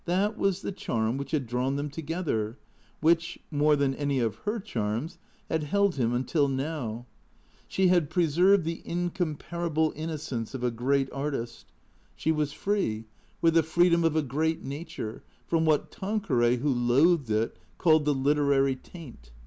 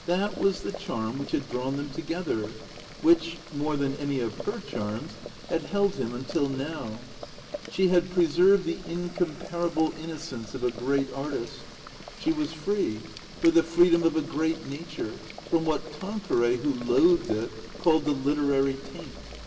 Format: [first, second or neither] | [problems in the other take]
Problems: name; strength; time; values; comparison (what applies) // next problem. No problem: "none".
first | background sound (Boiling); 15 dB below the speech // room echo; dies away in 2.9 s